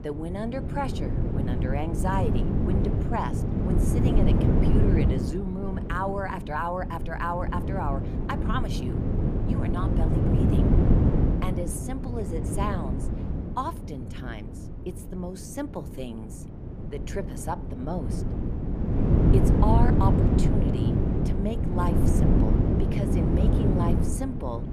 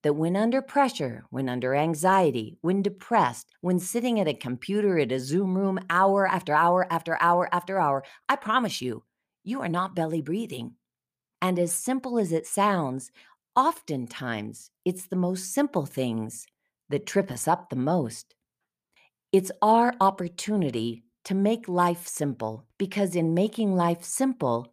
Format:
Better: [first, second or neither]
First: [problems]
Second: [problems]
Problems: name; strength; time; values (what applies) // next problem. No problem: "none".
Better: second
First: wind noise on the microphone; heavy; as loud as the speech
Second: none